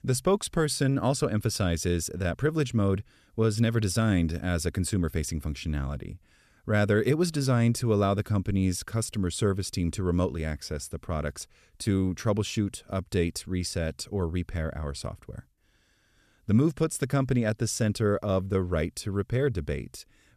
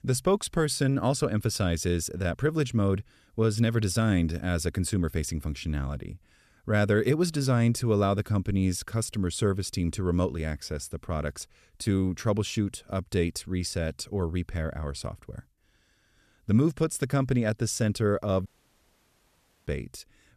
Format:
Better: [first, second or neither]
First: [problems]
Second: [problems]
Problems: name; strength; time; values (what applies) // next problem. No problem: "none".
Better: first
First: none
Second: audio cutting out; at 18 s for 1 s